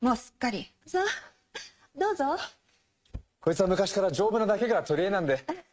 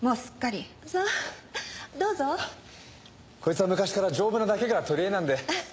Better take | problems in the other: second | noise reduction (neural mask model RNNoise)

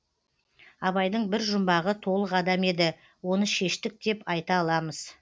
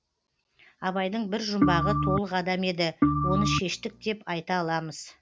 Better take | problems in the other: first | background sound (Organ); 3 dB above the speech

